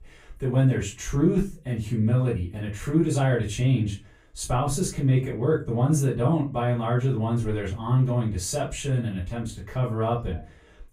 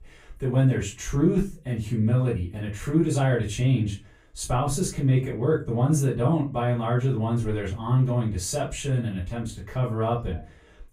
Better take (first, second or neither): neither